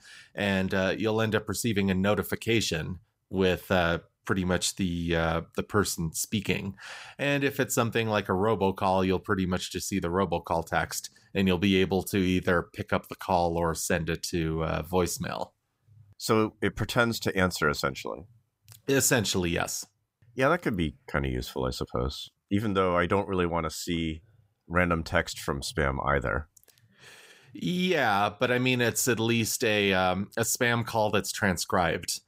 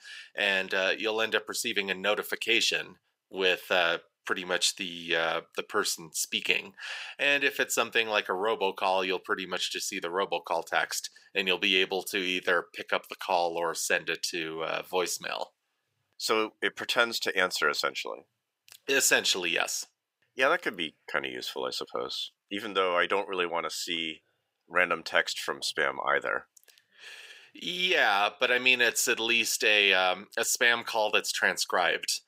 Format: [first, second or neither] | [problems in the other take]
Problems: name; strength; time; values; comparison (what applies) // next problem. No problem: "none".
first | thin; somewhat; fading below 450 Hz